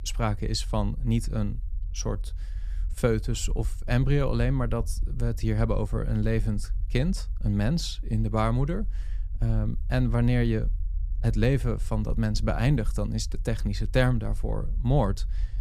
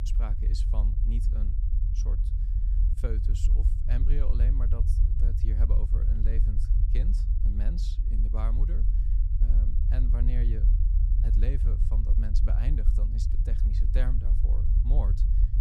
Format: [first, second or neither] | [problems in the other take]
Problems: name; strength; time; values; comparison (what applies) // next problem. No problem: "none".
first | low rumble; loud; throughout; 2 dB below the speech; faint in the first